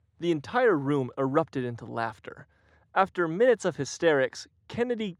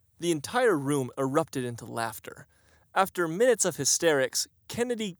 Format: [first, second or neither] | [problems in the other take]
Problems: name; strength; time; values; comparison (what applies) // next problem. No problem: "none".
second | muffled; slightly; fading above 3 kHz